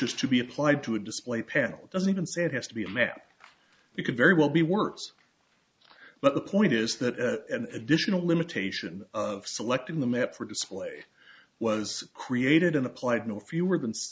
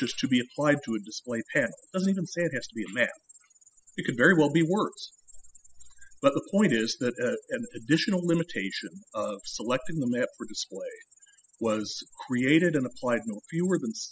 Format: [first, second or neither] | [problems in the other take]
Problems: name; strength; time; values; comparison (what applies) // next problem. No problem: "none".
first | noise reduction (classical method spectral subtraction)